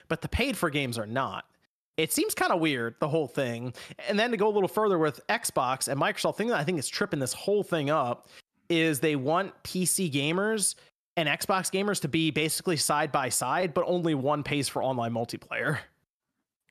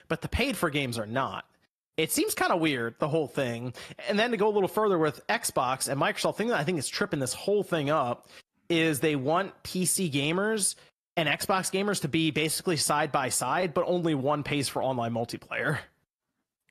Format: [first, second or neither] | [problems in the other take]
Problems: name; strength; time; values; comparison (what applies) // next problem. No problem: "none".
first | garbled, watery; slightly; nothing above 13.5 kHz